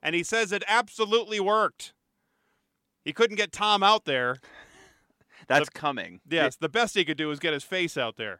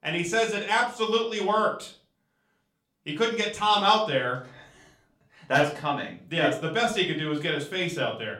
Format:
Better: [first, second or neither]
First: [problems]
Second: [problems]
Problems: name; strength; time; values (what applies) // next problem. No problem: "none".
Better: first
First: none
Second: room echo; slight; dies away in 0.4 s // off-mic speech; far